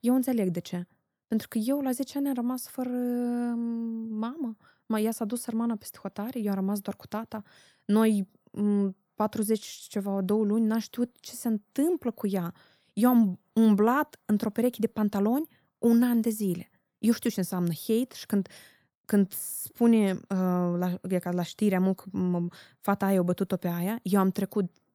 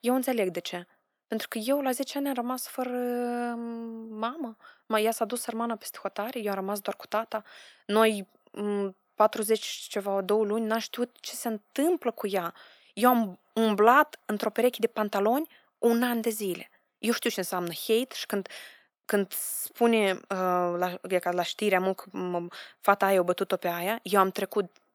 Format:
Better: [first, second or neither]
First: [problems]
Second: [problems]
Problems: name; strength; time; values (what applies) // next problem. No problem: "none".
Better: first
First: none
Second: thin; somewhat; fading below 400 Hz